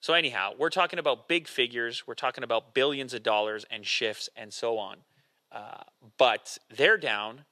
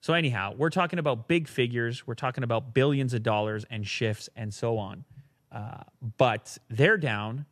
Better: second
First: thin; very; fading below 500 Hz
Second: none

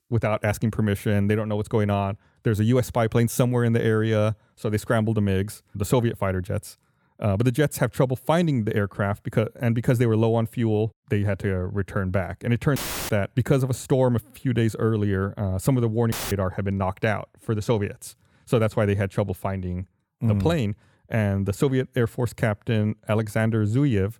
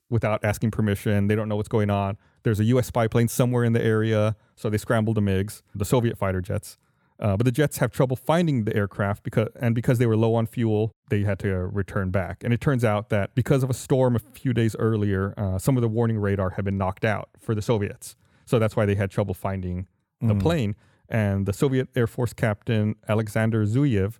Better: second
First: audio cutting out; filled with static; at 13 s and at 16 s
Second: none

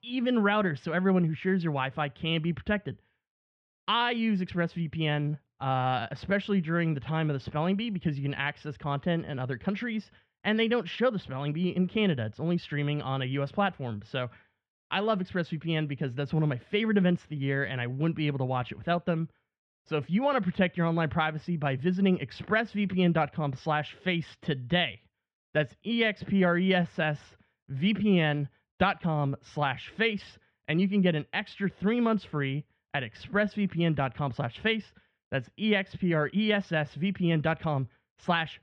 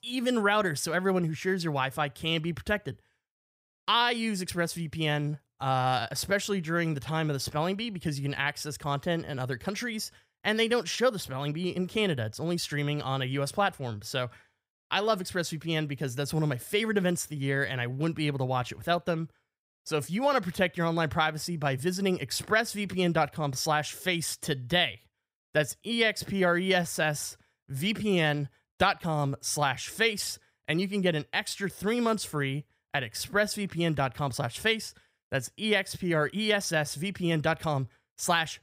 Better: second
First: muffled; very; fading above 3 kHz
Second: none

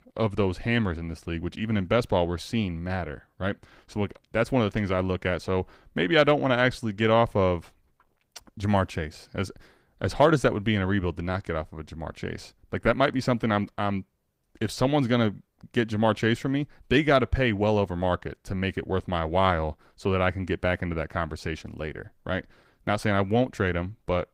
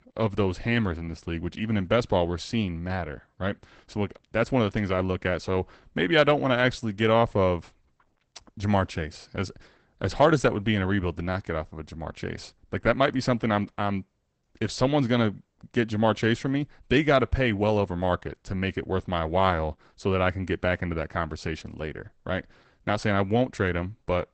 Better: first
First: garbled, watery; slightly; nothing above 15.5 kHz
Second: garbled, watery; badly; nothing above 8 kHz

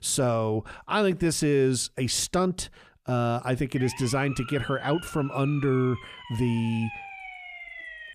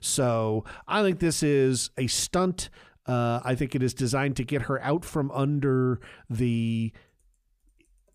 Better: second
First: siren; faint; from 4 s on; peak 10 dB below the speech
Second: none

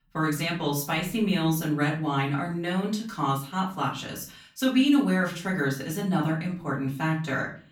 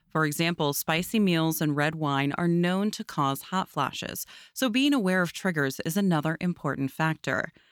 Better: second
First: off-mic speech; far // room echo; slight; dies away in 0.3 s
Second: none

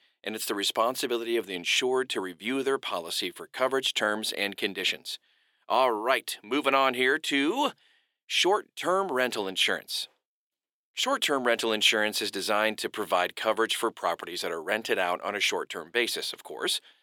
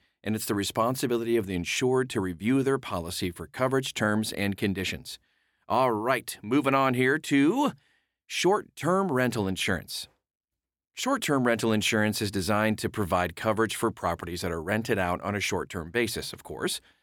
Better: second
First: thin; somewhat; fading below 450 Hz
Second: none

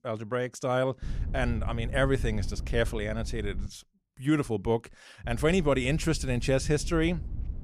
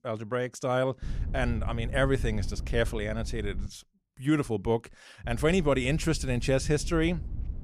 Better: neither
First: low rumble; faint; from 1 to 3.5 s and from 5 s on; 20 dB below the speech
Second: low rumble; faint; from 1 to 3.5 s and from 5 s on; 20 dB below the speech

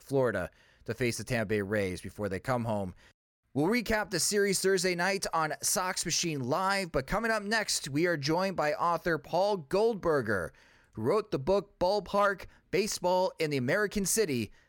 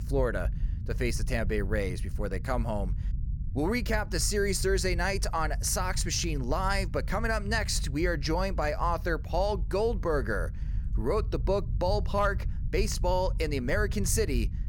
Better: first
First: none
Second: low rumble; faint; throughout; 20 dB below the speech

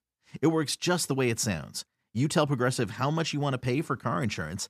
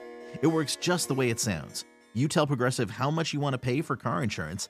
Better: first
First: none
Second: background music; noticeable; throughout; 20 dB below the speech

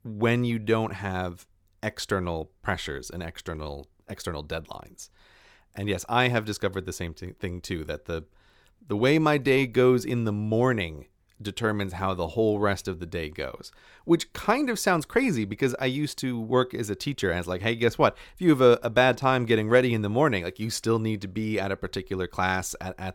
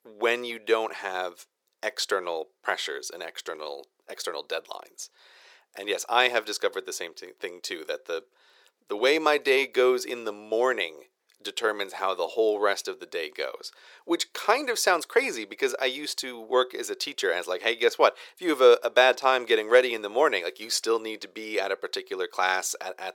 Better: first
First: none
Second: thin; very; fading below 450 Hz

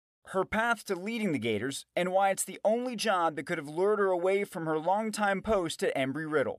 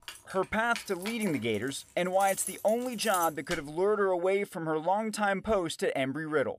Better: first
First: none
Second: jangling keys; noticeable; until 3.5 s; peak 7 dB below the speech

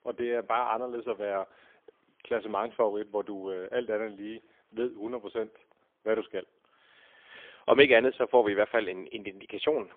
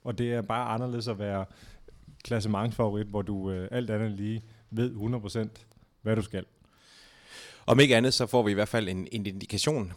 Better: second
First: phone-call audio; poor line; nothing above 3.5 kHz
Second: none

